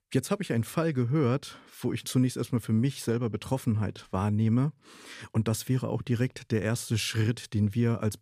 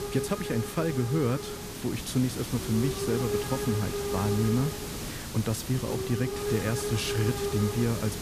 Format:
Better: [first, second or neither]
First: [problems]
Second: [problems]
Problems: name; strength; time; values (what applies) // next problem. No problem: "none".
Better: first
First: none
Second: hiss; loud; throughout; 3 dB below the speech